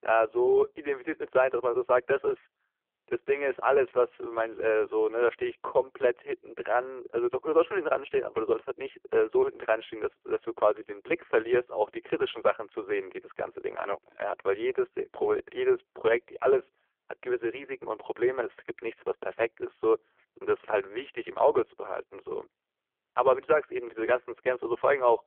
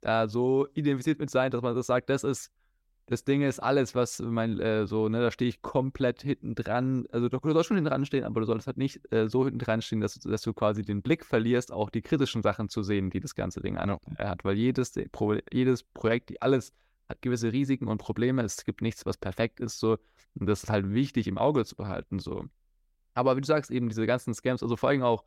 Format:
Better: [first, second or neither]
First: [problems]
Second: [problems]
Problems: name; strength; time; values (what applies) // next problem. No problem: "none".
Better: second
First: phone-call audio; poor line; nothing above 3.5 kHz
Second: none